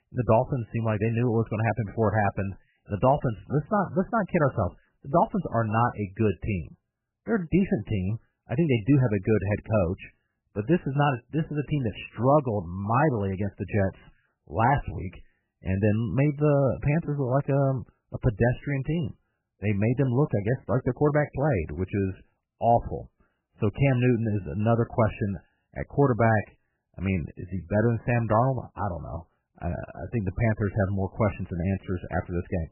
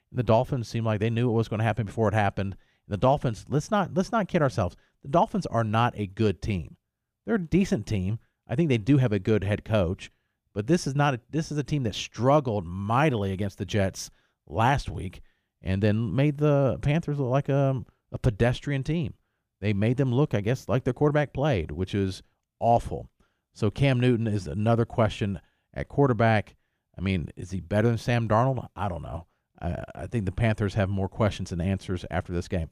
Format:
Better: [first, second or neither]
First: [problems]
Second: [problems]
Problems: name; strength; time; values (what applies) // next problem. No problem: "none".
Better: second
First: garbled, watery; badly; nothing above 3 kHz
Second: none